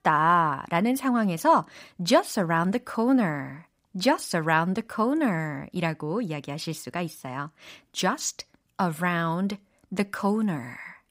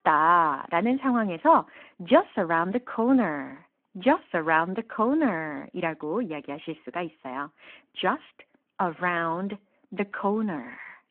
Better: first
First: none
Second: phone-call audio

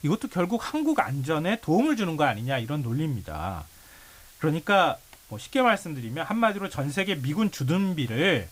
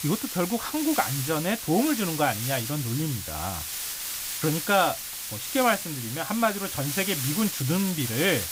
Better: first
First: hiss; faint; throughout; 25 dB below the speech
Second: hiss; loud; throughout; 4 dB below the speech

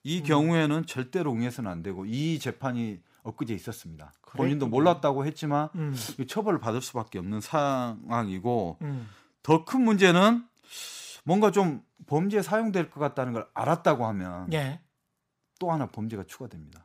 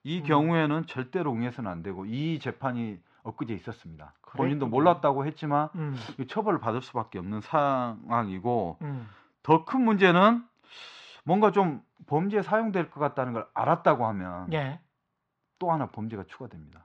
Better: first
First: none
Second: muffled; very; fading above 3.5 kHz

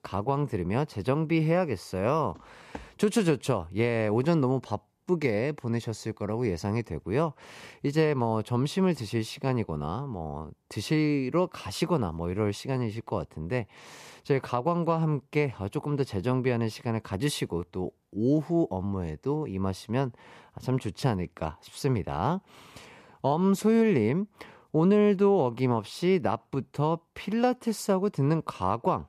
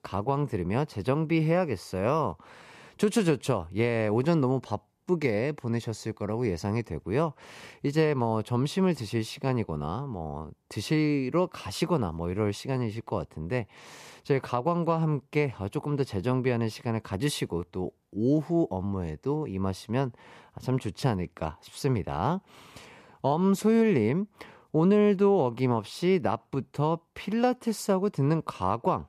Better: second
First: footsteps; faint; at 2.5 s; peak 20 dB below the speech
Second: none

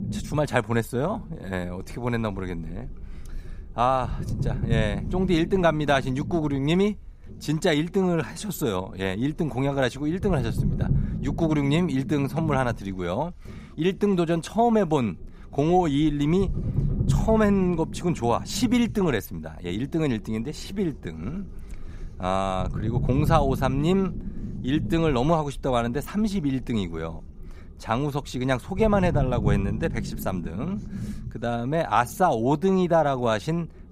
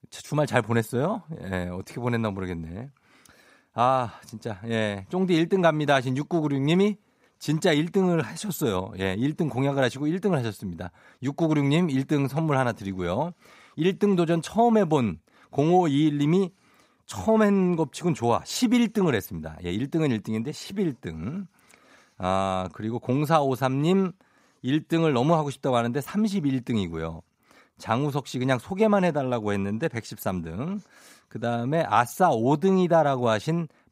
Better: second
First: low rumble; noticeable; throughout; 15 dB below the speech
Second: none

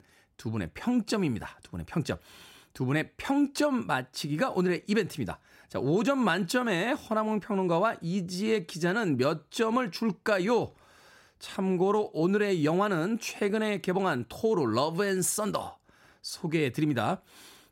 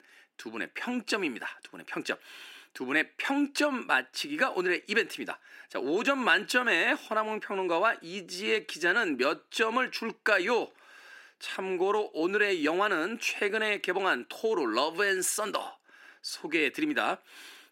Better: first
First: none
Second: thin; somewhat; fading below 300 Hz

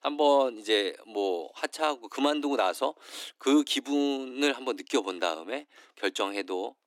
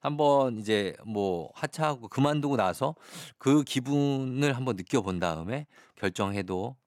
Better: second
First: thin; very slightly; fading below 300 Hz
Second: none

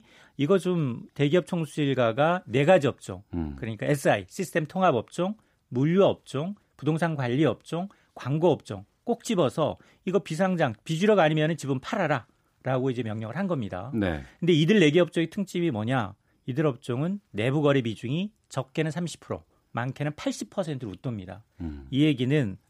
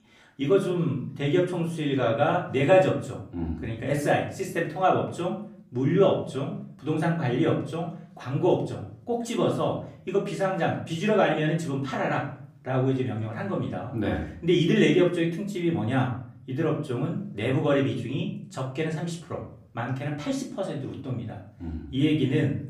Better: first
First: none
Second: off-mic speech; far // room echo; slight; dies away in 0.5 s

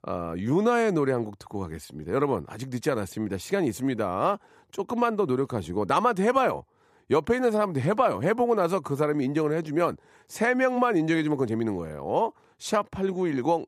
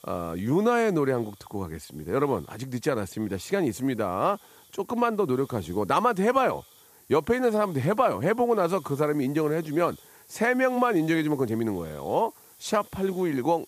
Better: first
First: none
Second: hiss; faint; throughout; 25 dB below the speech

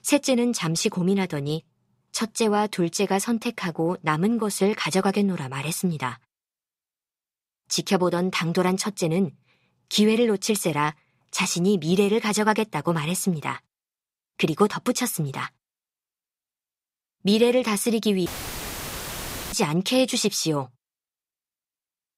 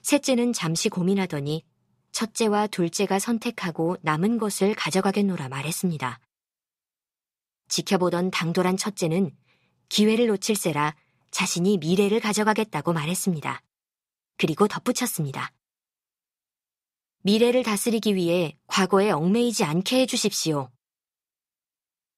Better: second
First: audio cutting out; filled with static; at 18 s for 1.5 s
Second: none

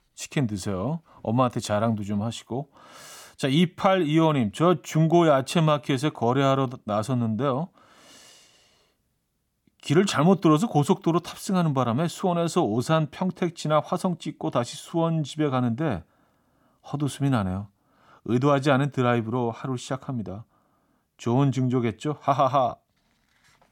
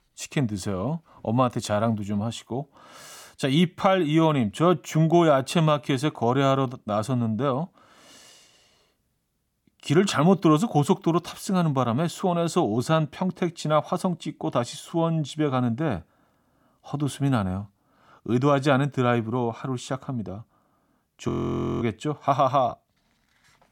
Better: first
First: none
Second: audio freezing; at 21 s for 0.5 s

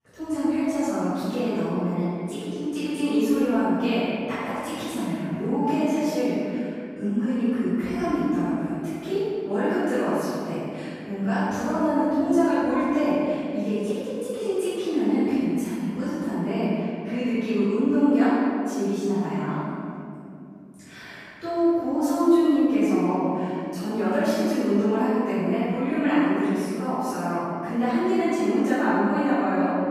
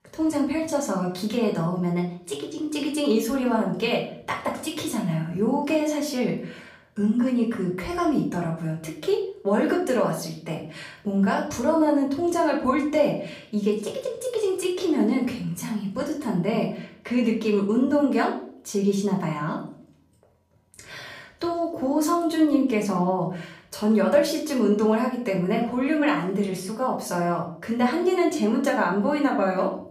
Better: second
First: room echo; strong; dies away in 2.5 s // off-mic speech; far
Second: room echo; slight; dies away in 0.5 s // off-mic speech; far

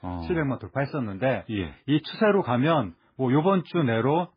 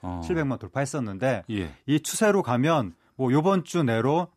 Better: second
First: garbled, watery; badly; nothing above 5 kHz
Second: none

